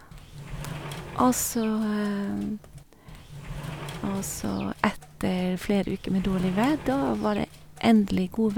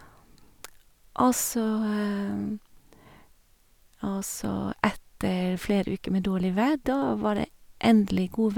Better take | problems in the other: second | background sound (Sliding door); 13 dB below the speech

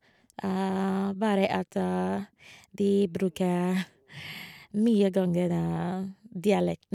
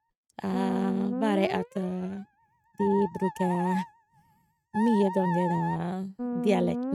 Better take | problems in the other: first | noise reduction (neural mask model RNNoise)

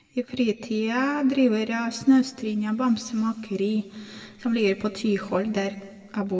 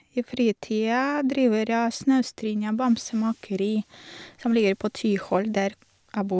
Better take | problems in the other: second | room echo; dies away in 1.5 s

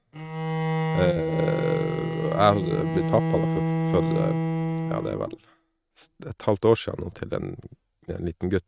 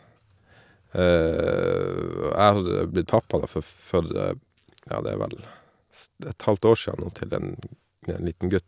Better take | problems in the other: second | noise reduction (neural mask model RNNoise)

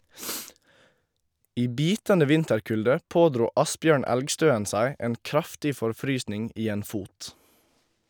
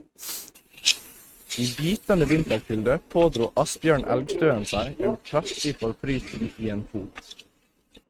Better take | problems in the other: first | noise reduction (neural mask model RNNoise)

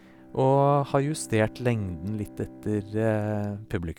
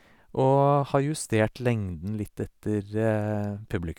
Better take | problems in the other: second | background sound (Bowed string instrument); 20 dB below the speech

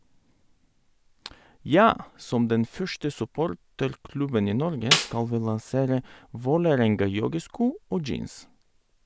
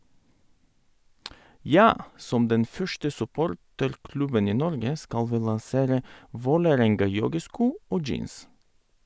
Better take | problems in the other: second | background sound (Snare drum); 2 dB below the speech

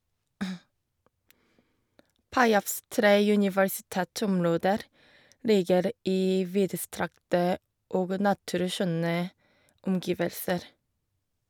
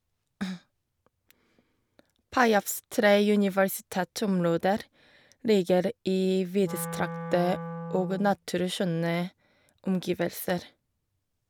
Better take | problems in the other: first | background sound (Wind instrument, woodwind instrument); 9 dB below the speech

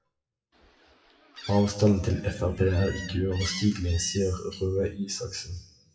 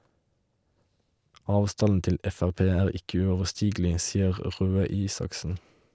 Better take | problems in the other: second | noise reduction (classical method WPE with log-MMSE)

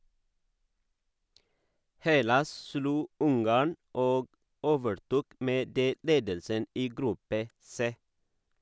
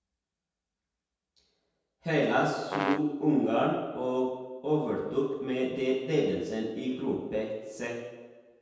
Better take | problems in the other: first | background sound (Brass instrument); 5 dB below the speech // room echo; dies away in 1.1 s

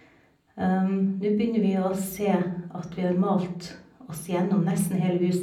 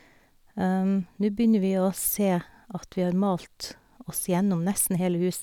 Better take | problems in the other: second | room echo; dies away in 0.6 s

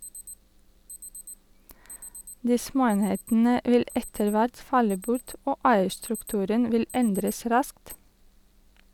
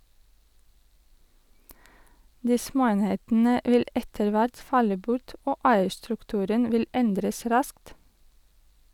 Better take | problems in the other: second | background sound (Alarm); 20 dB below the speech

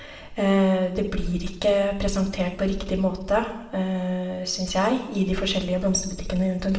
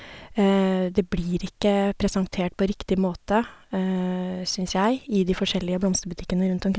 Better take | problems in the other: second | room echo; dies away in 0.7 s

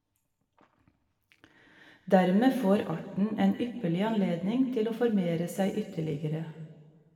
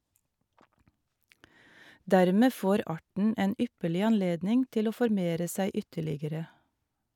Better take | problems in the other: second | room echo; dies away in 1.5 s

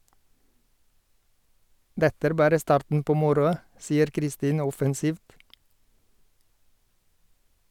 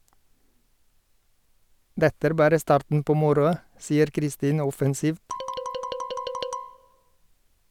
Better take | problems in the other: first | background sound (Marimba, xylophone); 7 dB below the speech

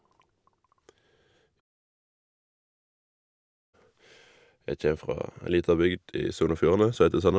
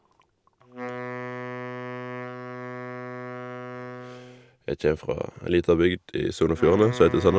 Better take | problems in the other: first | background sound (Wind instrument, woodwind instrument); 11 dB below the speech

